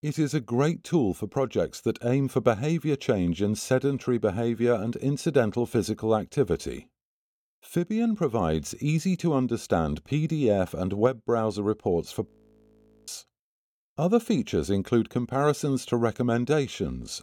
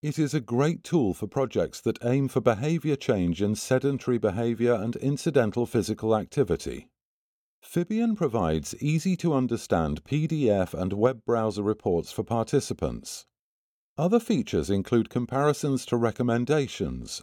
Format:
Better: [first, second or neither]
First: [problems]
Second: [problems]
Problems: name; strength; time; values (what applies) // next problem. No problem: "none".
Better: second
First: audio freezing; at 12 s for 1 s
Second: none